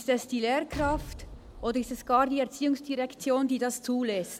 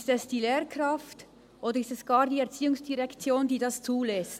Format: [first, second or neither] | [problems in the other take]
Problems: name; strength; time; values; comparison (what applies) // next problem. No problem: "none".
second | background sound (Explosion); 13 dB below the speech